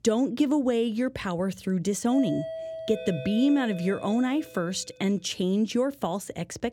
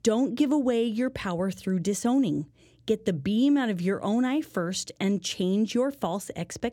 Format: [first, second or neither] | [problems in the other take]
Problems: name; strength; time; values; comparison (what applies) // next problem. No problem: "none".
second | doorbell; noticeable; from 2 to 4.5 s; peak 7 dB below the speech